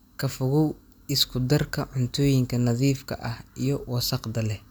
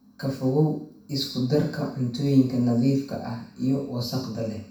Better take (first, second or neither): first